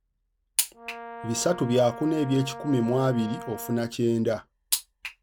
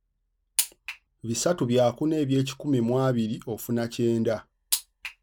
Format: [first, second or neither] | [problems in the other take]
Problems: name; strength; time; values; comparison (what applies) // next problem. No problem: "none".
second | background sound (Brass instrument); 13 dB below the speech